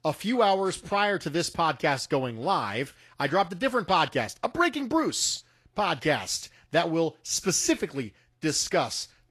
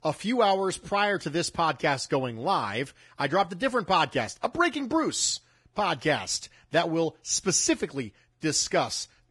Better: first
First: garbled, watery; slightly; nothing above 12.5 kHz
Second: garbled, watery; badly; nothing above 10.5 kHz

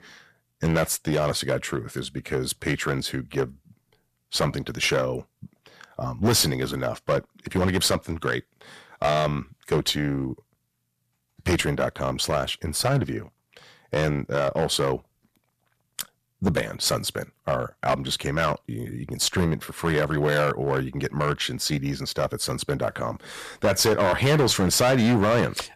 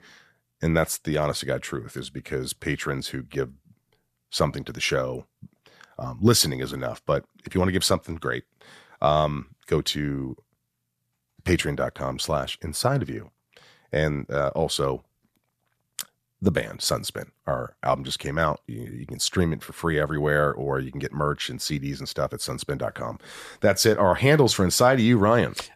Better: second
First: distortion; heavy; 6% of the sound clipped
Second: none

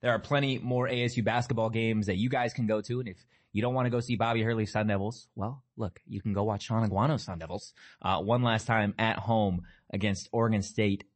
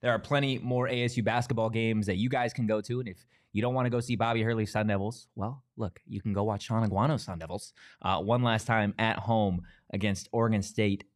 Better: second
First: garbled, watery; slightly; nothing above 8 kHz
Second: none

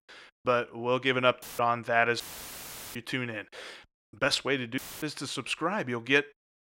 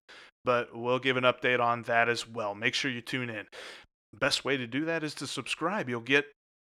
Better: second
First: audio cutting out; filled with static; at 1.5 s, at 2 s for 1 s and at 5 s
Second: none

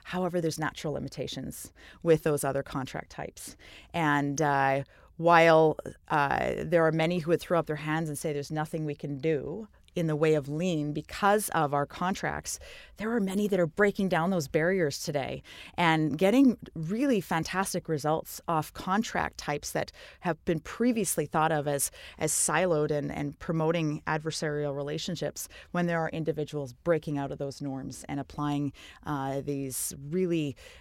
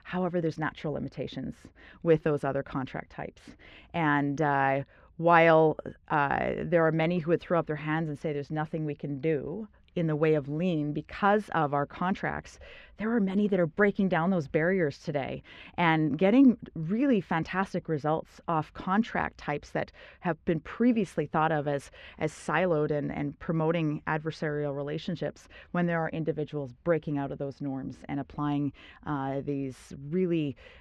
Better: first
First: none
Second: muffled; slightly; fading above 2.5 kHz

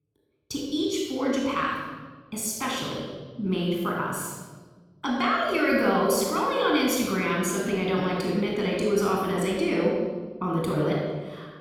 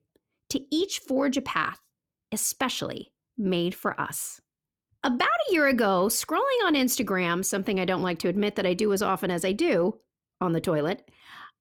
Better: second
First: off-mic speech; far // room echo; strong; dies away in 1.4 s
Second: none

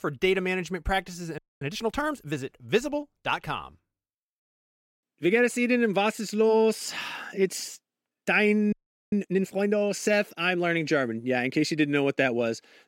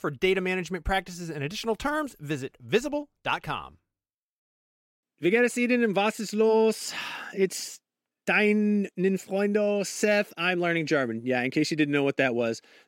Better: second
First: audio freezing; at 1.5 s and at 8.5 s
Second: none

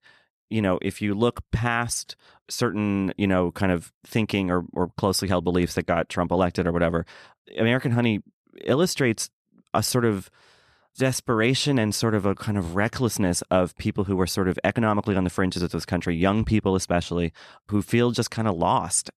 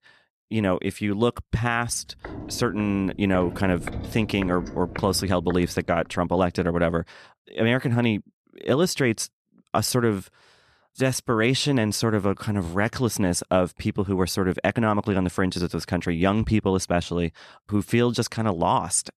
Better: first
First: none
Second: footsteps; noticeable; from 2 to 6 s; peak 9 dB below the speech

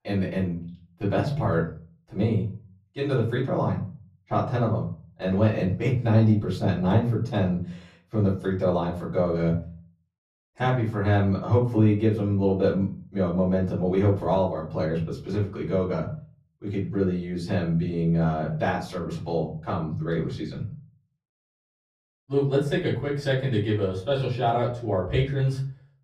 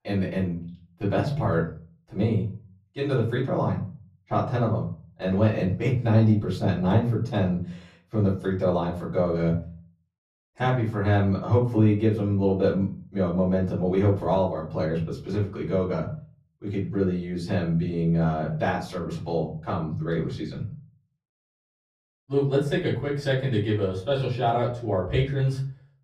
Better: neither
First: off-mic speech; far // room echo; slight; dies away in 0.4 s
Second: off-mic speech; far // room echo; slight; dies away in 0.4 s

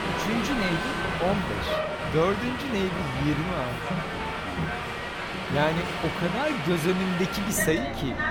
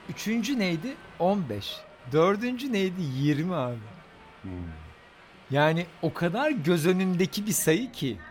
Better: second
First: train or aircraft noise; loud; throughout; 1 dB below the speech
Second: train or aircraft noise; faint; throughout; 20 dB below the speech

